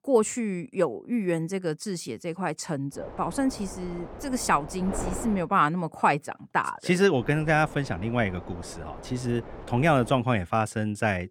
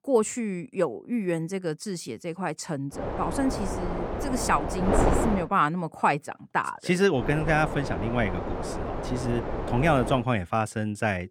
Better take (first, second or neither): first